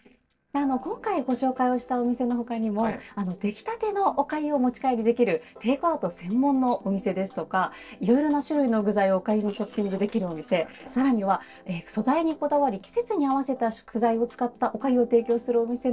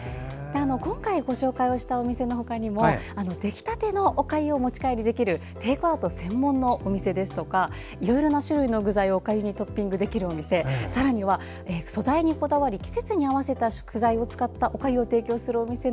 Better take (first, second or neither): second